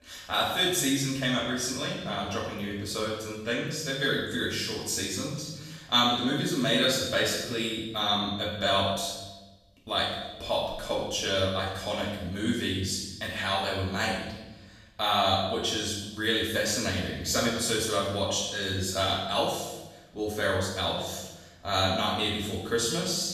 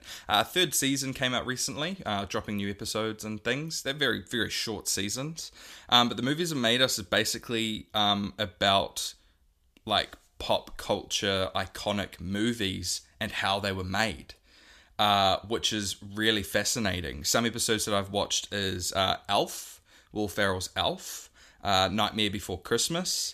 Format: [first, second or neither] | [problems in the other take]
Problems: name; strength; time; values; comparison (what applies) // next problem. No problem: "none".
second | room echo; noticeable; dies away in 1 s // off-mic speech; far